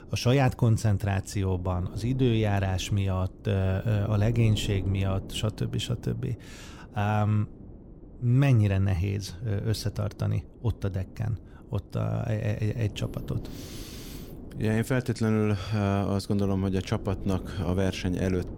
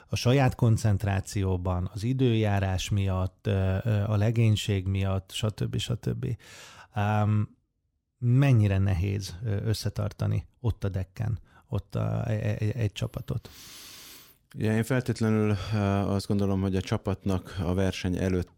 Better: second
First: wind noise on the microphone; occasional gusts; 15 dB below the speech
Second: none

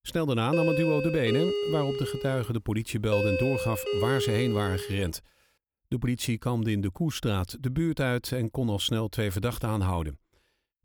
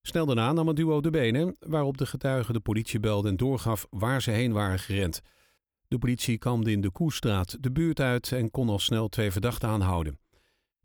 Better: second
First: doorbell; loud; from 0.5 to 5 s; peak 1 dB above the speech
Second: none

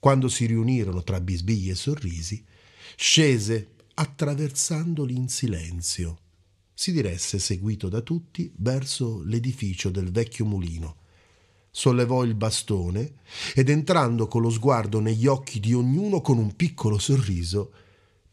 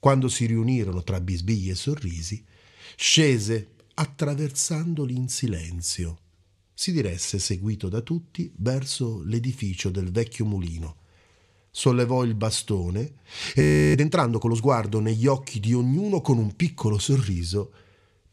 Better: first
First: none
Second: audio freezing; at 14 s

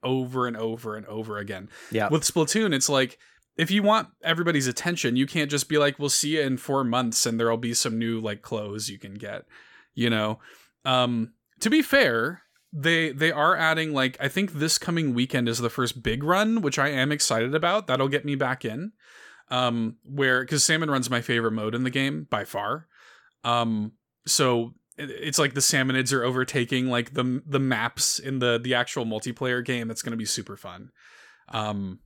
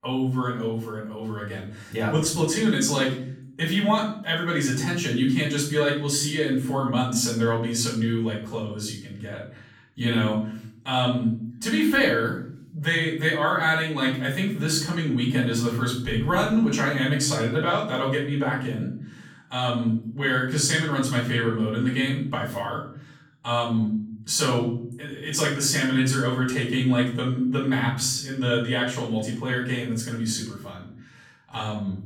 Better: first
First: none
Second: off-mic speech; far // room echo; noticeable; dies away in 0.7 s

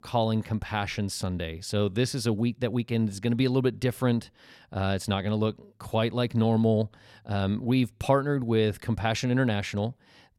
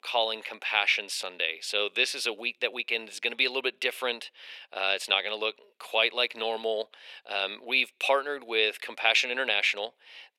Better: first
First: none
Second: thin; very; fading below 450 Hz

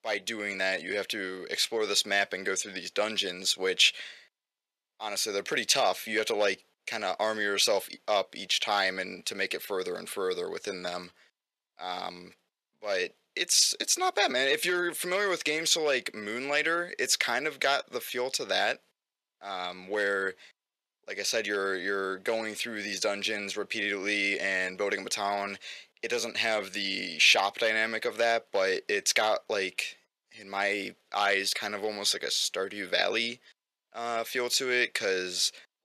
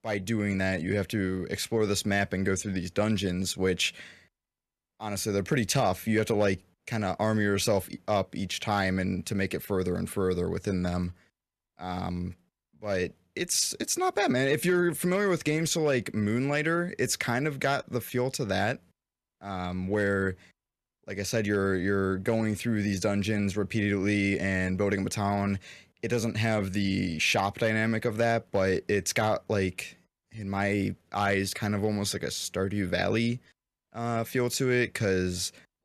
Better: second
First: thin; very; fading below 500 Hz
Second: none

